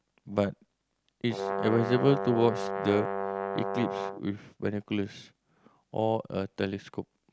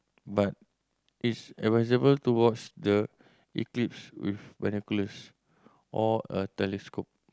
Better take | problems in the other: second | background sound (Brass instrument); 3 dB below the speech

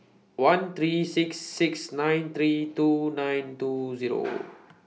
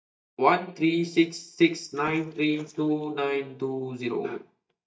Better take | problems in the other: first | noise reduction (neural mask model DeepFilterNet 3)

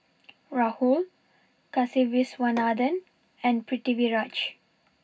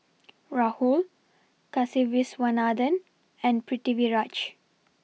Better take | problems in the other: second | background sound (Hammer); 17 dB below the speech // room echo; dies away in 0.4 s

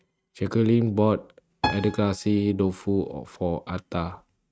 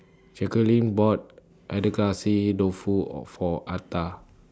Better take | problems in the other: second | noise reduction (neural mask model RNNoise)

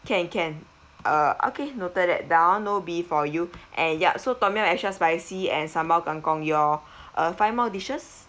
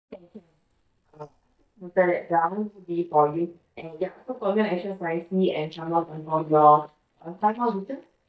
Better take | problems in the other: first | noise reduction (neural mask model DeepFilterNet 3)

